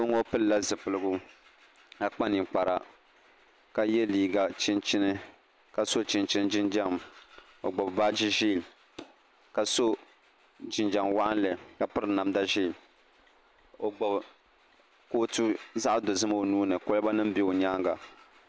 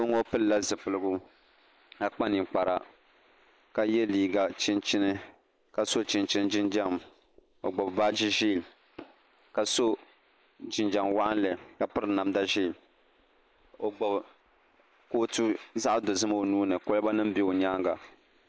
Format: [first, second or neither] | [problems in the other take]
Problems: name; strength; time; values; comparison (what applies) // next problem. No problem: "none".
first | noise reduction (neural mask model Resemble Enhance denoiser)